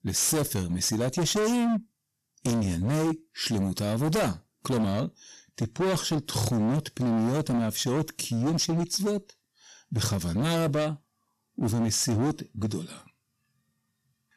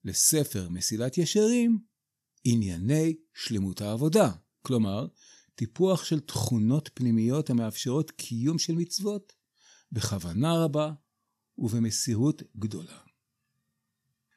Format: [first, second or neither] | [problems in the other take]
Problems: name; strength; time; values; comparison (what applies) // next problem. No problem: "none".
second | distortion; heavy; 21% of the sound clipped